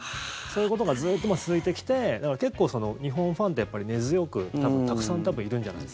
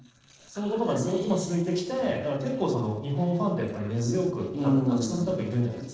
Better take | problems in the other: first | noise reduction (neural separator model SepFormer DNS4)

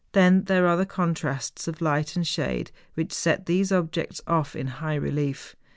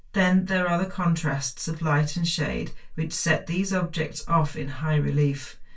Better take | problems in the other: first | room echo; dies away in 0.2 s

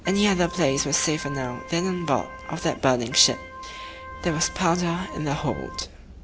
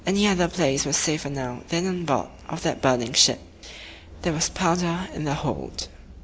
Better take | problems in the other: second | background sound (Organ); 14 dB below the speech

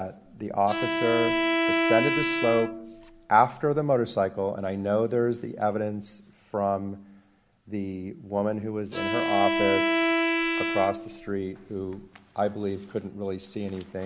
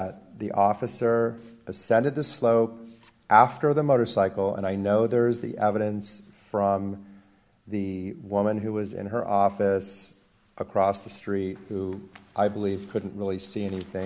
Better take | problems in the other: second | background sound (Bowed string instrument); as loud as the speech

